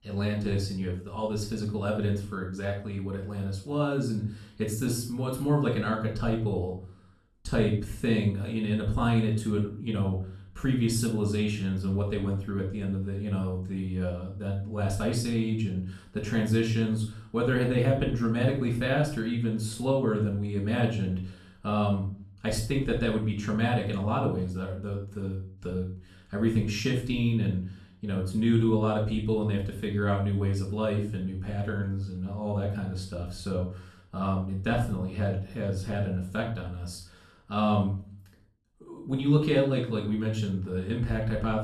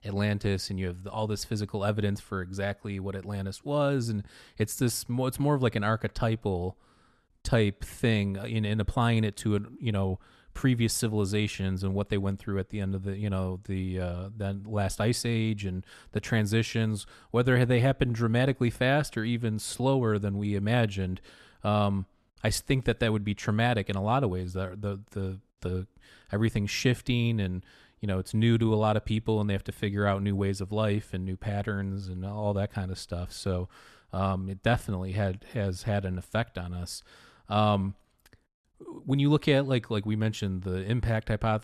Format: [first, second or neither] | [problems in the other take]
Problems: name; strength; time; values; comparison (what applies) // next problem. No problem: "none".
second | off-mic speech; far // room echo; slight; dies away in 0.4 s